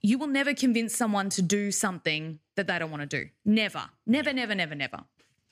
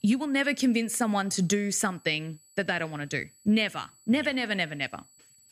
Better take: first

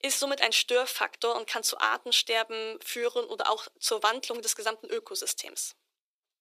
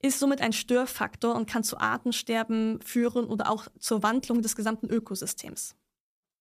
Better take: second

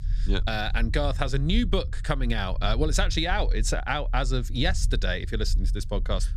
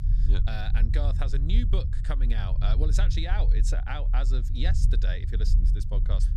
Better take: first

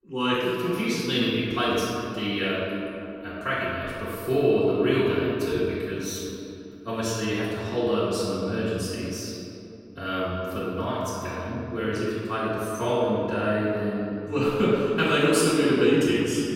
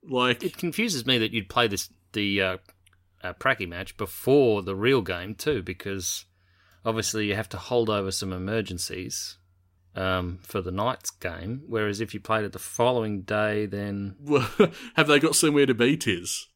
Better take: second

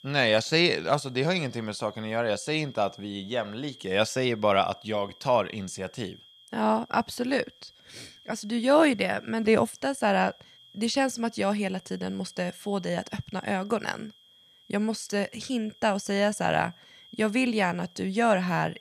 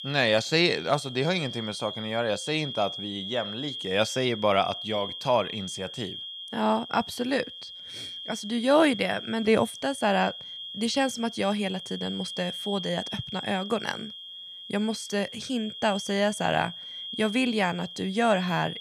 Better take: first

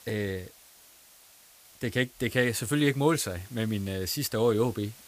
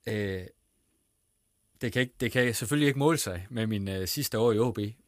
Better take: second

